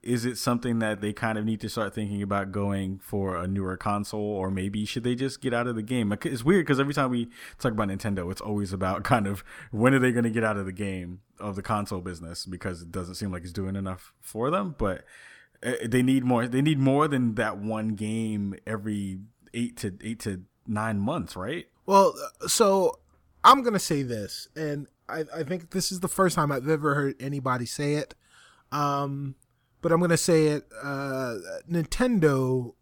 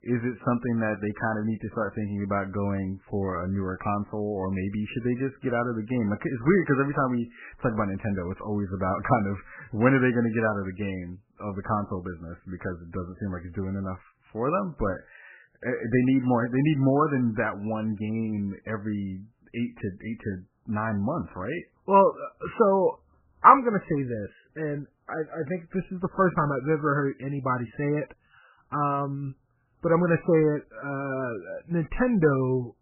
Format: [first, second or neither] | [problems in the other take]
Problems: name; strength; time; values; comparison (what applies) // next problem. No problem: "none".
first | garbled, watery; badly; nothing above 3 kHz